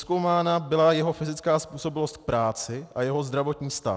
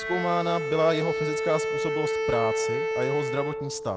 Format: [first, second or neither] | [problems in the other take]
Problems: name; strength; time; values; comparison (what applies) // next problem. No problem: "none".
first | background sound (Bowed string instrument); as loud as the speech